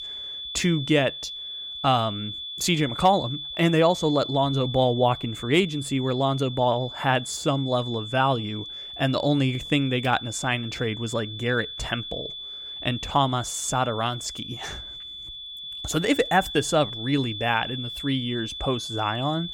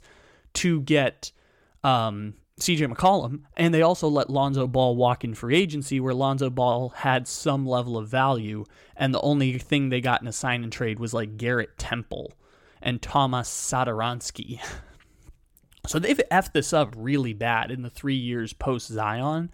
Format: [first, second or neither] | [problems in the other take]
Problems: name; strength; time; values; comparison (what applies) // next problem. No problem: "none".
second | high-pitched whine; loud; throughout; 3.5 kHz, 9 dB below the speech